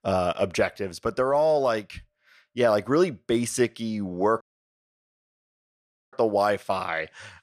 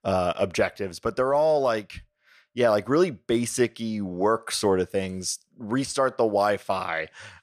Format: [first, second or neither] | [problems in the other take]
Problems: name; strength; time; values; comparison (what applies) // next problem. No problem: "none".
second | audio cutting out; at 4.5 s for 1.5 s